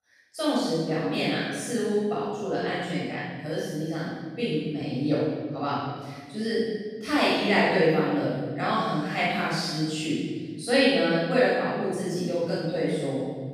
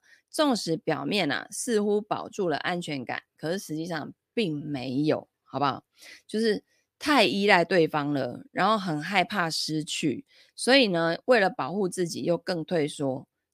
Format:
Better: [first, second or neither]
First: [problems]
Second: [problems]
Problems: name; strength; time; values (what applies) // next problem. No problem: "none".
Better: second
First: off-mic speech; far // room echo; strong; dies away in 1.6 s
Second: none